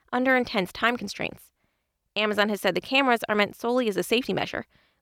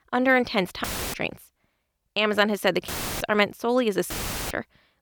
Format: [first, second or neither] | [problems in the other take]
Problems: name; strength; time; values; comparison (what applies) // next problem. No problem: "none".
first | audio cutting out; filled with static; at 1 s, at 3 s and at 4 s